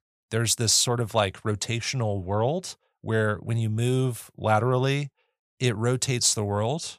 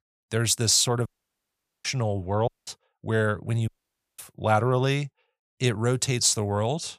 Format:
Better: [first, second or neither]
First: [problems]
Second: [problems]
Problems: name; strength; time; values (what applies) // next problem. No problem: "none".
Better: first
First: none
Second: audio cutting out; at 1 s for 1 s, at 2.5 s and at 3.5 s